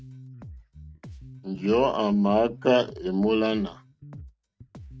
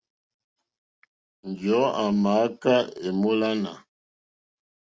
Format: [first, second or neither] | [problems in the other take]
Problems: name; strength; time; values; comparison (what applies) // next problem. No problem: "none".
second | noise reduction (neural mask model RNNoise)